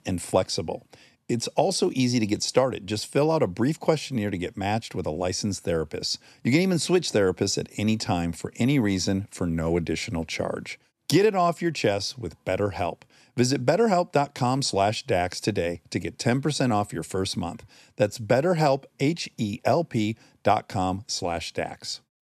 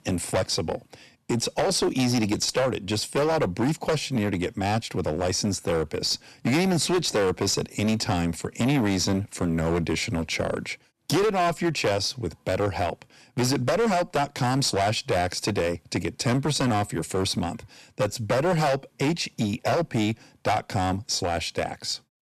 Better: first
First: none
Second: distortion; heavy; 14% of the sound clipped

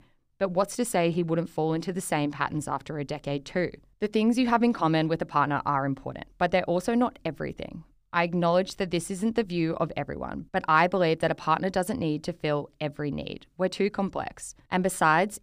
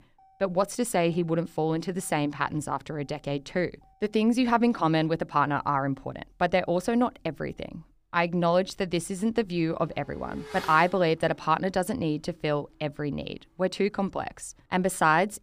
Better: first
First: none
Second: traffic noise; faint; throughout; 20 dB below the speech

